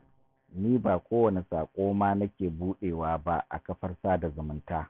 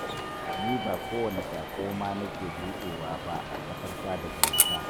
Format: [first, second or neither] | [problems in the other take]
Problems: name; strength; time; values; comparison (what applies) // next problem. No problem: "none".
first | background sound (Walk, footsteps / Subway, metro, underground); 4 dB above the speech